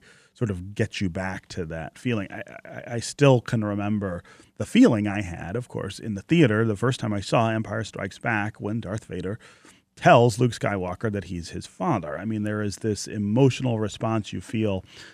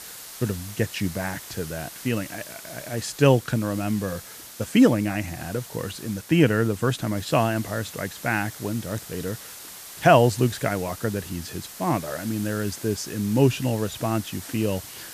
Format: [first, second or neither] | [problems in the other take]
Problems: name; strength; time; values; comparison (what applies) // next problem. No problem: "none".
first | hiss; noticeable; throughout; 15 dB below the speech